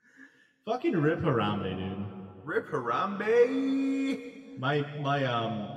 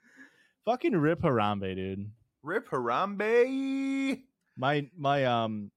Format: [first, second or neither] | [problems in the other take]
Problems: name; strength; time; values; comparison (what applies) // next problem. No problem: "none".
second | room echo; slight; dies away in 2 s // off-mic speech; somewhat distant